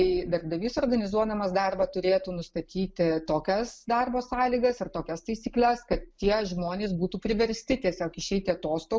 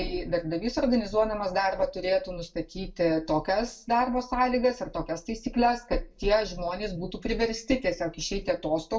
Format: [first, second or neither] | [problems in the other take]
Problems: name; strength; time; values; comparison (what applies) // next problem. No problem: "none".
first | room echo; dies away in 0.2 s